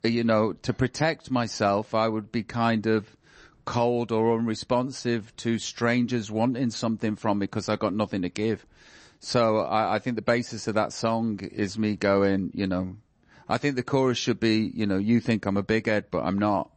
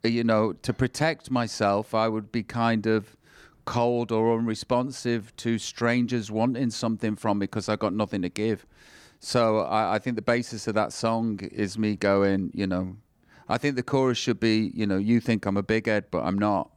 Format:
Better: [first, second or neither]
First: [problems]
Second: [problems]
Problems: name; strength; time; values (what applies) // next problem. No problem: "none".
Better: second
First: garbled, watery; slightly; nothing above 8 kHz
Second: none